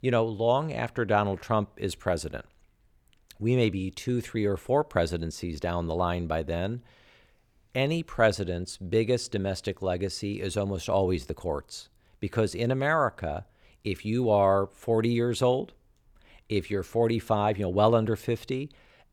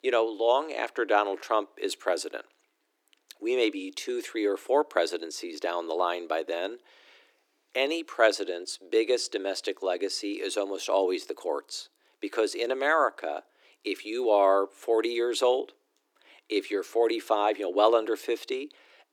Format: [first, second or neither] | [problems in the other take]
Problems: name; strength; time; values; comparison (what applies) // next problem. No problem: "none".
first | thin; very; fading below 300 Hz